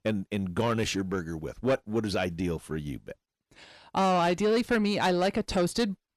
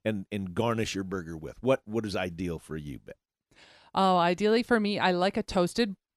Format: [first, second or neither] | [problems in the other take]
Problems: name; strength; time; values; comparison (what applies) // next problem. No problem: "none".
second | distortion; slight; 10 dB below the speech